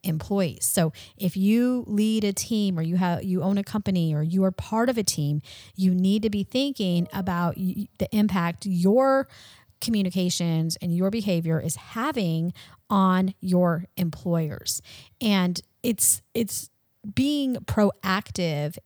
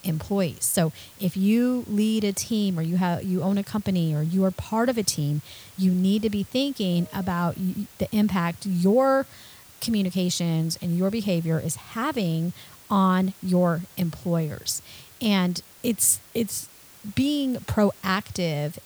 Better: first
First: none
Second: hiss; faint; throughout; 20 dB below the speech

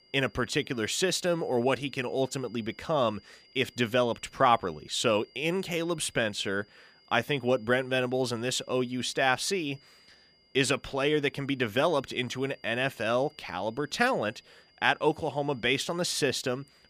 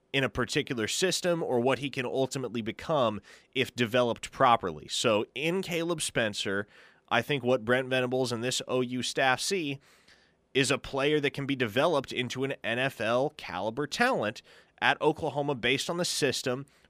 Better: second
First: high-pitched whine; faint; throughout; 5 kHz, 30 dB below the speech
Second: none

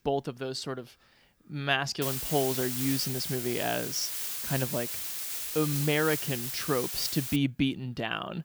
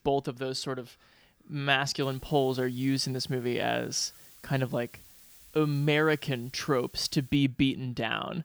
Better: second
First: hiss; loud; from 2 to 7.5 s; 2 dB below the speech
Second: hiss; faint; from 2 to 7.5 s; 20 dB below the speech

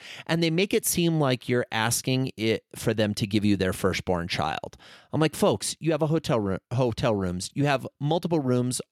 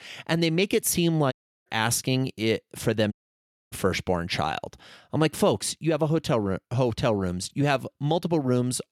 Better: first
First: none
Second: audio cutting out; at 1.5 s and at 3 s for 0.5 s

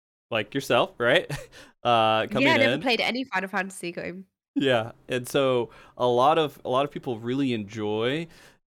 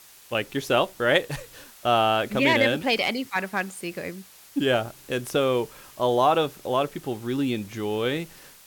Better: first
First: none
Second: hiss; faint; throughout; 20 dB below the speech

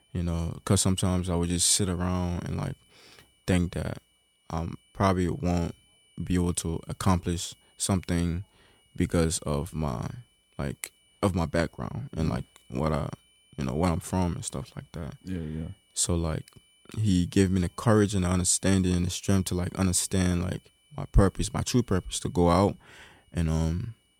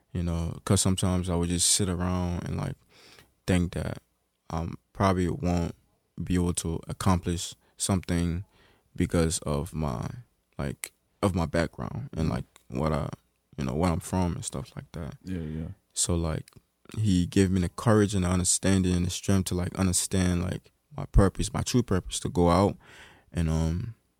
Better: second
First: high-pitched whine; faint; throughout; 3 kHz, 35 dB below the speech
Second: none

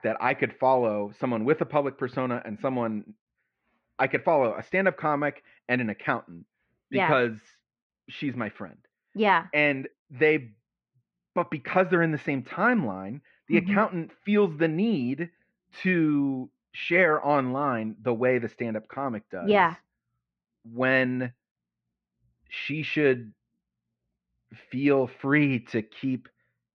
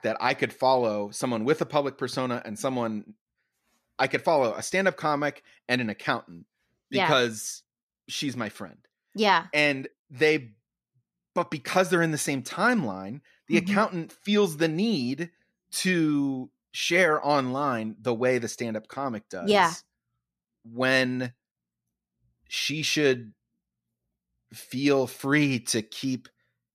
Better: second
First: muffled; very; fading above 2.5 kHz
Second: none

